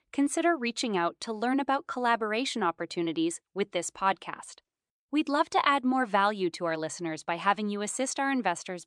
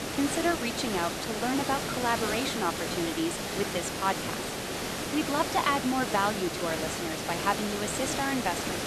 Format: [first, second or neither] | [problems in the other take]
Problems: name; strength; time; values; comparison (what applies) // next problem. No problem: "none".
first | hiss; loud; throughout; 2 dB below the speech